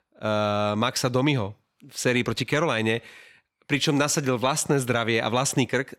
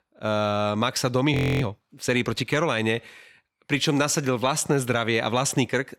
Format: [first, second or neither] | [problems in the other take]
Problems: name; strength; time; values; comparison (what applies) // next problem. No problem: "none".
first | audio freezing; at 1.5 s